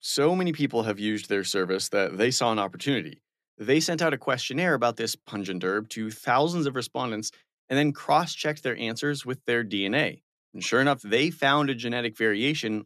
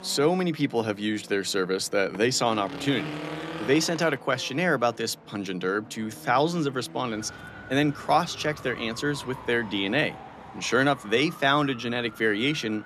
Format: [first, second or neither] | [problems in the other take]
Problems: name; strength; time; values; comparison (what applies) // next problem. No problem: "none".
first | traffic noise; noticeable; throughout; 15 dB below the speech